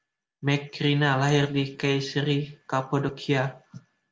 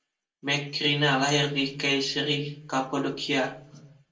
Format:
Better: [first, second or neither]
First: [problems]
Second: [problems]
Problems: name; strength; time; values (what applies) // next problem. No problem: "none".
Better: first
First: none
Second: room echo; dies away in 0.2 s